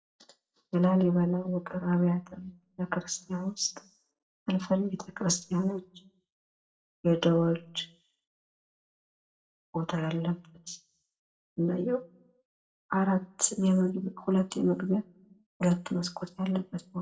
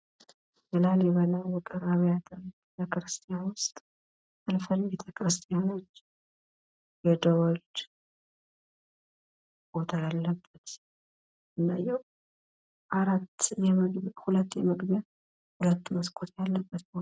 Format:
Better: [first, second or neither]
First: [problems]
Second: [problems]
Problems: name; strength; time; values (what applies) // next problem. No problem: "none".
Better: second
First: room echo; dies away in 0.4 s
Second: none